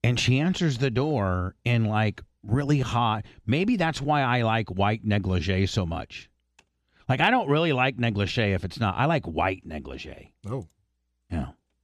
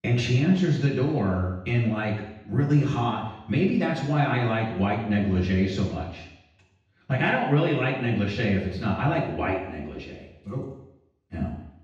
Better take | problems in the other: first | room echo; noticeable; dies away in 0.8 s // off-mic speech; far

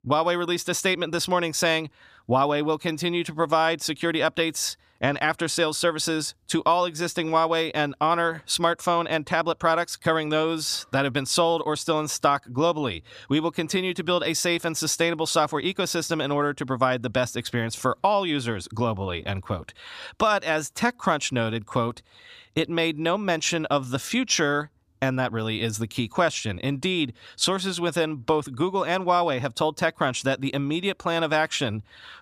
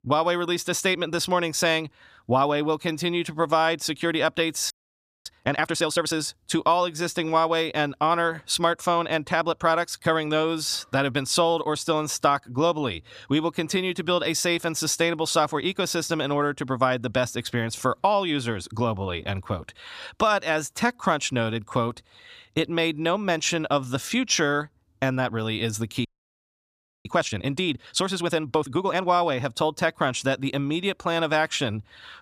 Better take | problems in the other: first | audio freezing; at 4.5 s for 0.5 s and at 26 s for 1 s

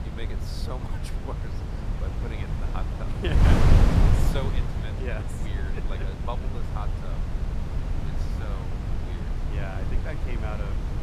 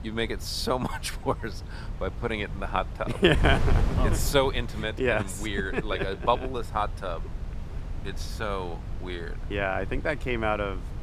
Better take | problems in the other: second | wind noise on the microphone; heavy; 2 dB above the speech; occasional gusts in the second

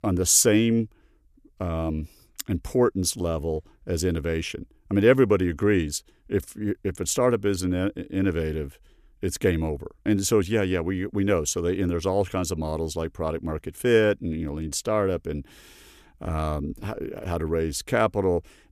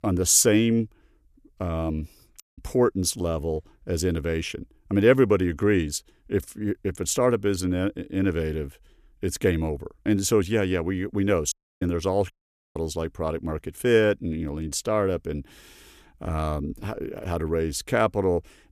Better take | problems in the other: first | audio cutting out; at 2.5 s and at 12 s

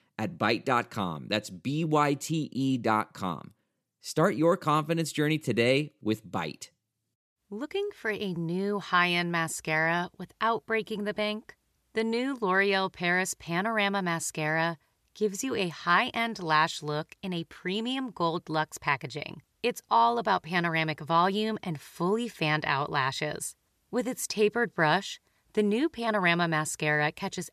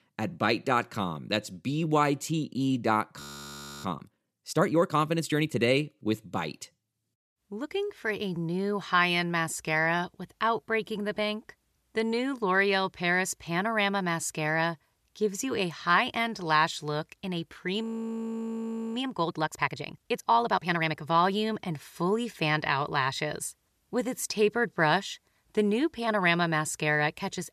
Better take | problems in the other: first | audio freezing; at 3 s for 0.5 s and at 18 s for 1 s

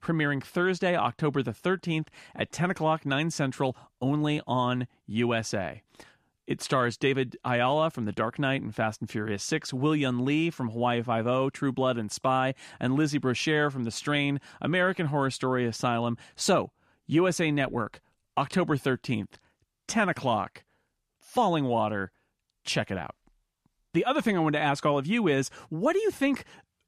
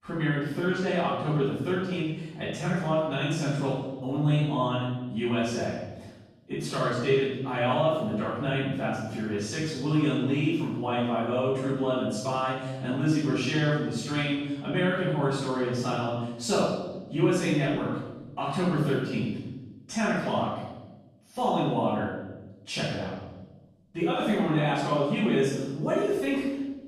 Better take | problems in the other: first | off-mic speech; far // room echo; strong; dies away in 1 s

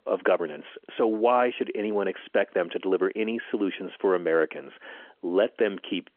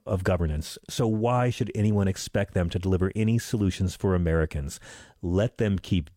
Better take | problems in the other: second | phone-call audio; nothing above 3.5 kHz

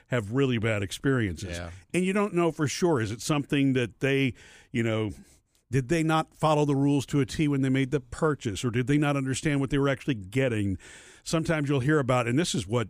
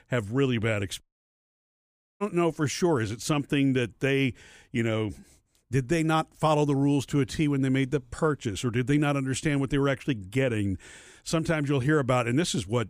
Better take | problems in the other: first | audio cutting out; at 1 s for 1 s

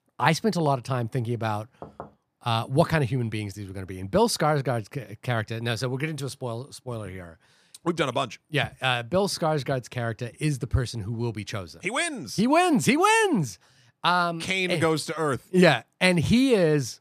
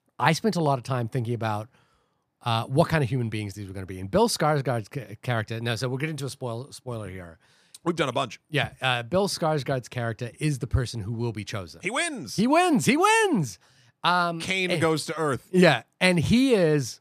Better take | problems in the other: second | door banging; faint; at 2 s; peak 20 dB below the speech

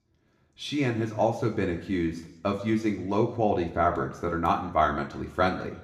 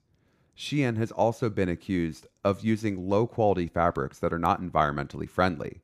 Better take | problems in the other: second | room echo; slight; dies away in 0.7 s // off-mic speech; somewhat distant

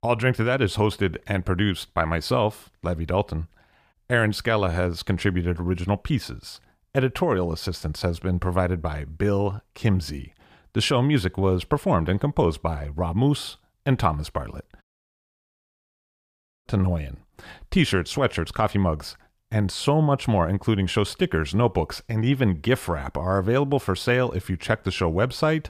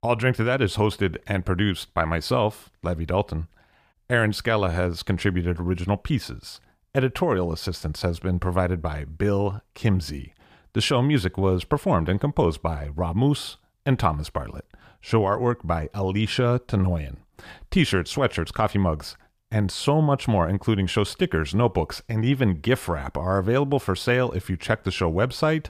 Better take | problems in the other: second | audio cutting out; at 15 s for 2 s

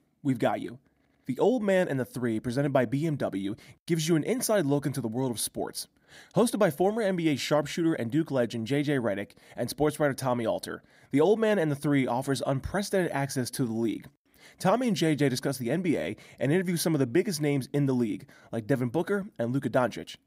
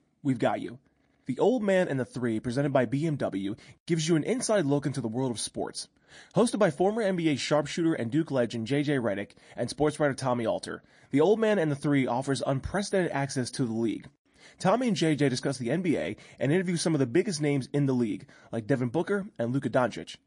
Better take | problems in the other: first | garbled, watery; slightly

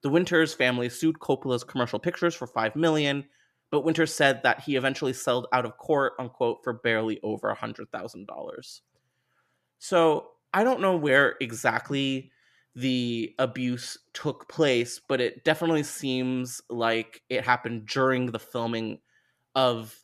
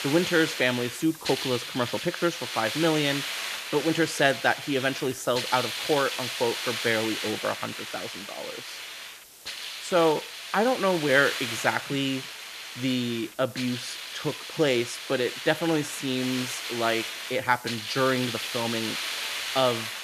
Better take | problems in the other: first | hiss; loud; throughout; 5 dB below the speech

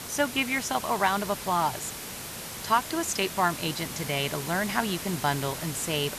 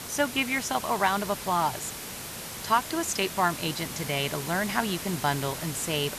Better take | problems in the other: neither | hiss; loud; throughout; 7 dB below the speech; the same in both

